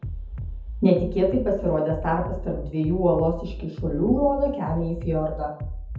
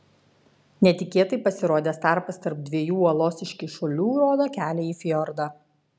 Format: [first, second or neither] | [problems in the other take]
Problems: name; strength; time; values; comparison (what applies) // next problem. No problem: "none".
second | background sound (Bass drum); 8 dB below the speech // room echo; dies away in 0.5 s